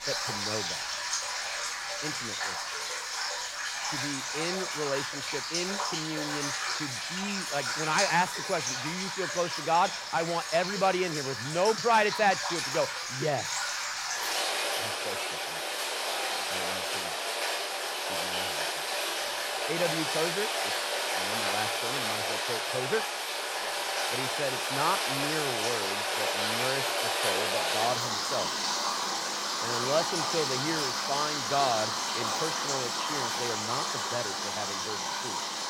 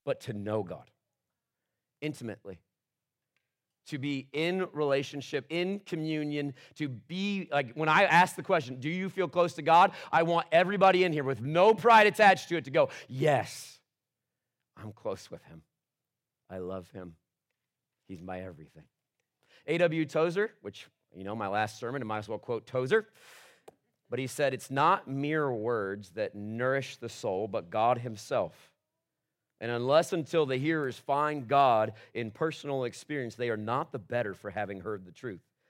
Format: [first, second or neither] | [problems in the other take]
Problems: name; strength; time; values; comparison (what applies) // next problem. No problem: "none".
second | rain or running water; very loud; throughout; 3 dB above the speech